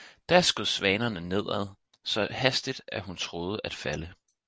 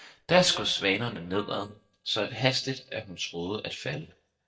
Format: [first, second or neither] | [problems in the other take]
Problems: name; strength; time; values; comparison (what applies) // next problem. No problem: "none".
first | noise reduction (neural mask model DeepFilterNet 3)